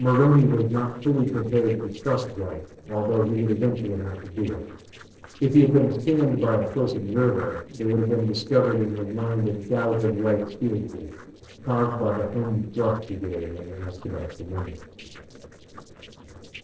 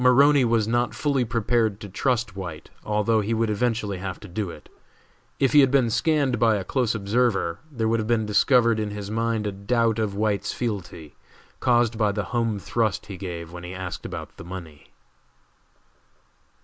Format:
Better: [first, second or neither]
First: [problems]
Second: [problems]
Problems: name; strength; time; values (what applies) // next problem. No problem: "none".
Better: second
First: noise reduction (neural separator model SepFormer DNS4)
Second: none